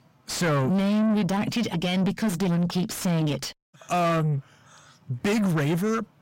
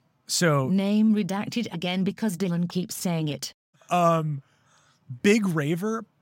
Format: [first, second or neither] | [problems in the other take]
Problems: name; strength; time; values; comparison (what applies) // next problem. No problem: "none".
second | distortion; heavy; 7 dB below the speech